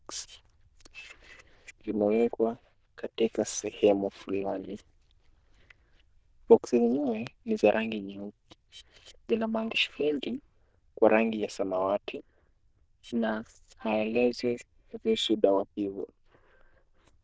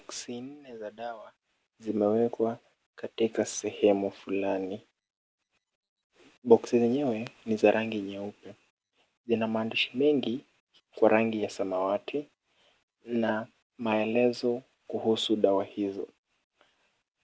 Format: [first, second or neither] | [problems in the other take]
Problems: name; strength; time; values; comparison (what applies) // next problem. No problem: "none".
second | noise reduction (neural diffusion model UNIVERSE++)